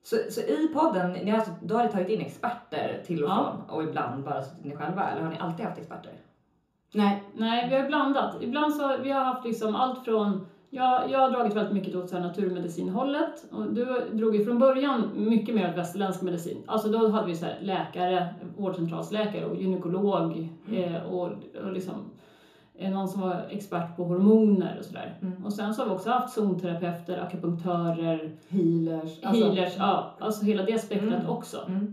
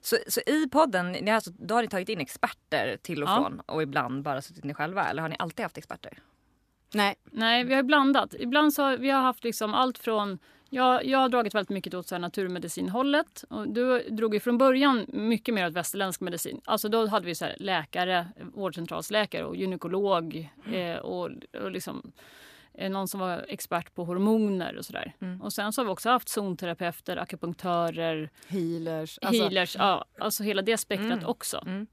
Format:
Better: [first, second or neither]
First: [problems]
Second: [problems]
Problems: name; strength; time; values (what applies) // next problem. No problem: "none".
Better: second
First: room echo; slight; dies away in 0.6 s // off-mic speech; far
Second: none